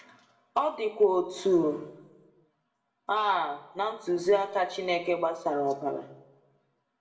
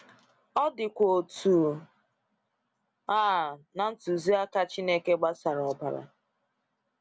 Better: second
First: room echo; dies away in 0.6 s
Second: none

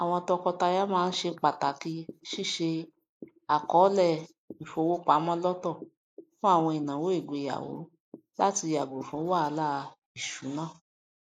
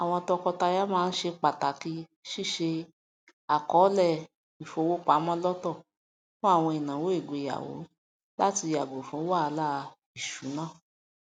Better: second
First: noise reduction (neural mask model Resemble Enhance denoiser)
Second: none

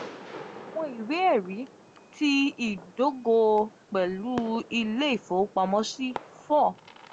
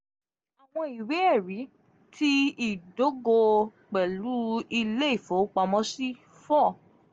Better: second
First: background sound (Fireworks); 17 dB below the speech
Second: none

